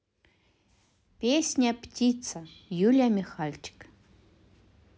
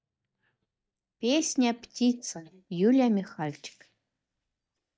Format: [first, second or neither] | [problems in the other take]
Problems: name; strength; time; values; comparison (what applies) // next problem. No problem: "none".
first | noise reduction (neural mask model DeepFilterNet 3)